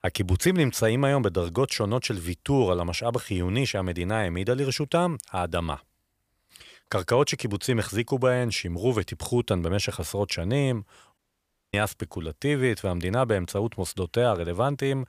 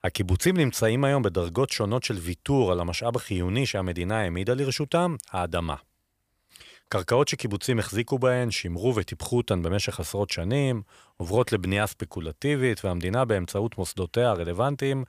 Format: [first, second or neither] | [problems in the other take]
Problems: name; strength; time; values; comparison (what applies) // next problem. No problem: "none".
second | audio cutting out; at 11 s for 0.5 s